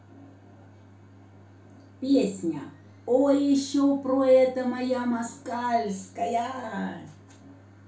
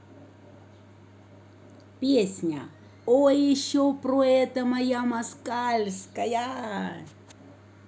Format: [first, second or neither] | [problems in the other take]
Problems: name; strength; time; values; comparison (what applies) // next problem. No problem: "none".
second | room echo; dies away in 0.3 s